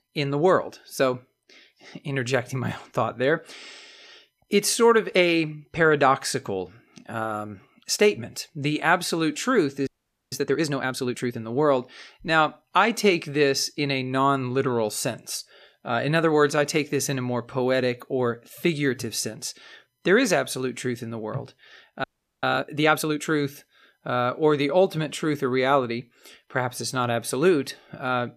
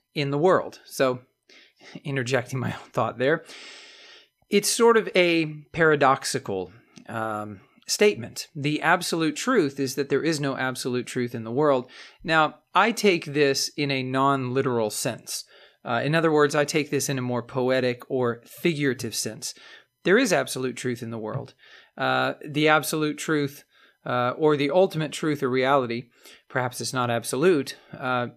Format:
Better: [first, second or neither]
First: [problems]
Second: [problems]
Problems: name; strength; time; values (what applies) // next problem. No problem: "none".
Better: second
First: audio freezing; at 10 s and at 22 s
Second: none